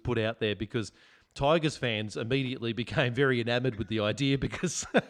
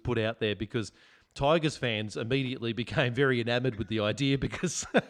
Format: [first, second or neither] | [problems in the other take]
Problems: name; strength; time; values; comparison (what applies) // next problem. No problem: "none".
neither | none